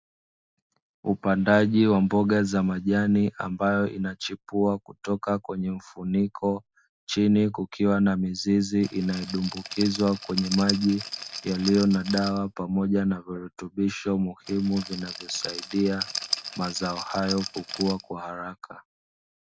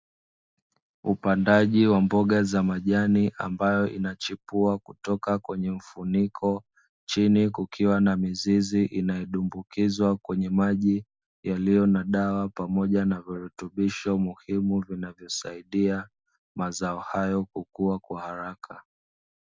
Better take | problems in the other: second | background sound (Rattle); 10 dB below the speech

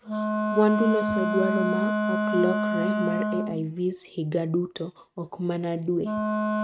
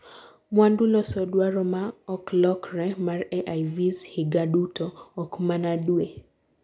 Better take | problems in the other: second | noise reduction (neural mask model RNNoise)

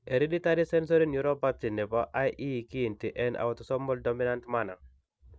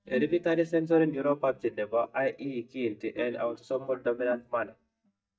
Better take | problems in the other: first | noise reduction (neural mask model DeepFilterNet 3)

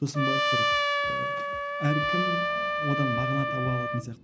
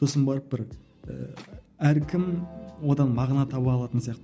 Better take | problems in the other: second | background sound (Trumpet); 4 dB above the speech

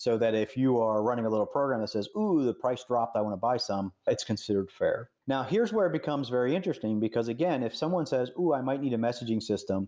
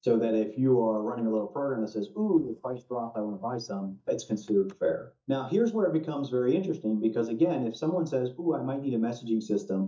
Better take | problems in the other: first | noise reduction (neural mask model DeepFilterNet 3)

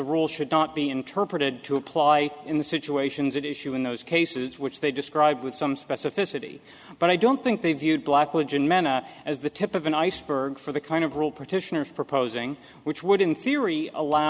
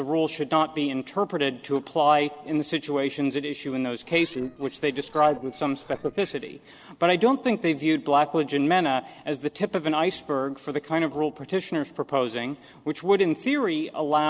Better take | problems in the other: first | noise reduction (neural separator model SepFormer DNS4)

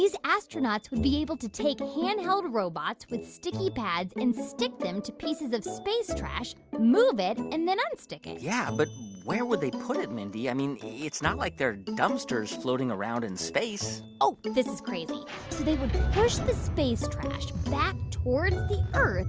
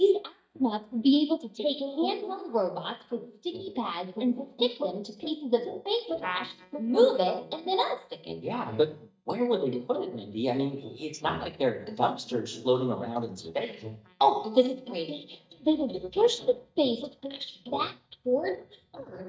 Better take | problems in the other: first | noise reduction (neural mask model DeepFilterNet 3)

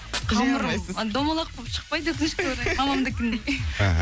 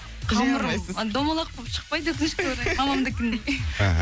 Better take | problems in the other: second | background sound (Fire); 19 dB below the speech

